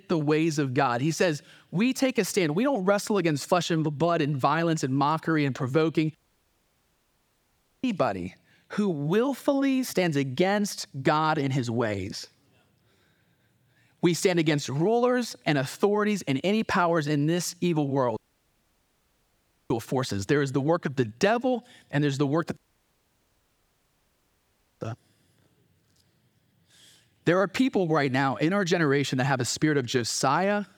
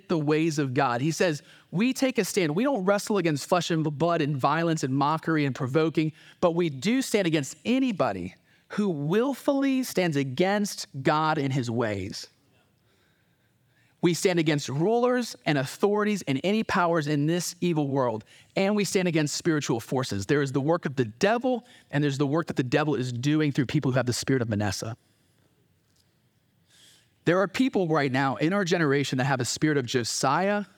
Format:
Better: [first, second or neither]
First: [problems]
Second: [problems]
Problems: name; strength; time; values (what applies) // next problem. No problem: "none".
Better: second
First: audio cutting out; at 6 s for 1.5 s, at 18 s for 1.5 s and at 23 s for 2 s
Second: none